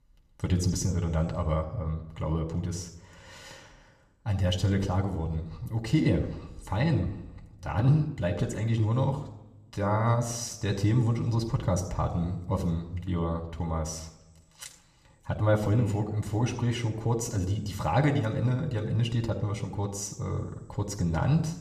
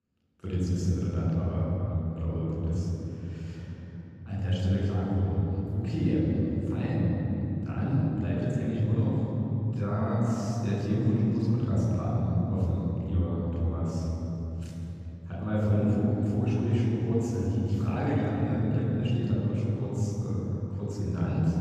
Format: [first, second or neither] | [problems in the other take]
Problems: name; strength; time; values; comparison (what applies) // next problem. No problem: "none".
first | room echo; strong; dies away in 3 s; slight in the first // off-mic speech; far